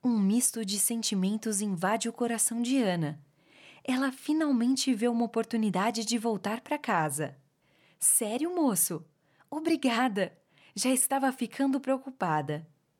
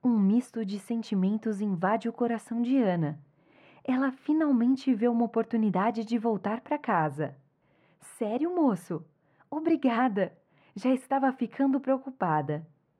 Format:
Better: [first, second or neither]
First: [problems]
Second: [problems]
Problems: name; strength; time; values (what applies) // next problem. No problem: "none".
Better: first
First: none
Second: muffled; very; fading above 4 kHz